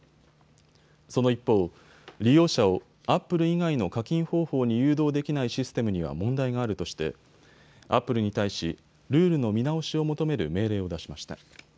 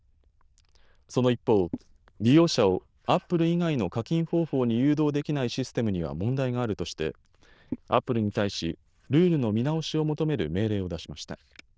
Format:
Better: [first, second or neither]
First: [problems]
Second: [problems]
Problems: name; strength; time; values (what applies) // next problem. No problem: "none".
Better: first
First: none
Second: noise reduction (neural diffusion model UNIVERSE++)